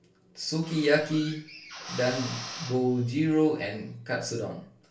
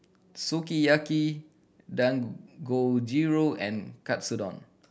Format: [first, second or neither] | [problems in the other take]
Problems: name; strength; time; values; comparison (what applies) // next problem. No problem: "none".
second | background sound (Drill); 14 dB below the speech // room echo; dies away in 0.3 s